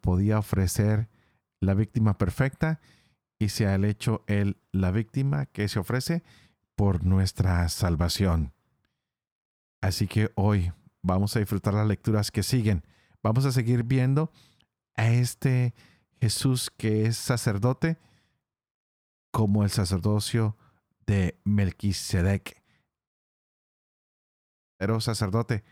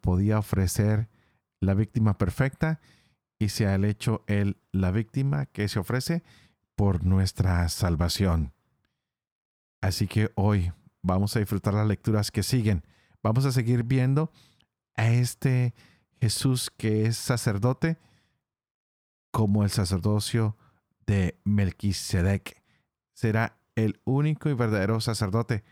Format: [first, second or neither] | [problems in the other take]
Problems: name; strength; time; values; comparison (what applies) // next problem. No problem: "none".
second | audio cutting out; at 23 s for 1.5 s